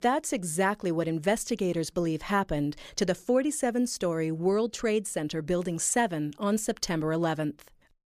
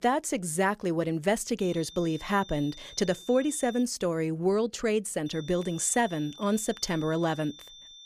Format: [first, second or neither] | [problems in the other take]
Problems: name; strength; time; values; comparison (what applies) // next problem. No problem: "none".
first | high-pitched whine; noticeable; from 1.5 to 4 s and from 5.5 s on; 3.5 kHz, 20 dB below the speech